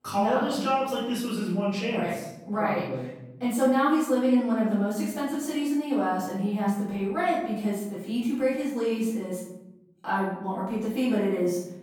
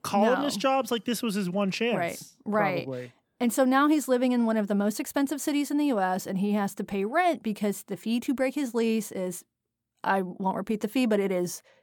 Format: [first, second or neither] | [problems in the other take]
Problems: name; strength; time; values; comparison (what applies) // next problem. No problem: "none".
second | off-mic speech; far // room echo; noticeable; dies away in 0.8 s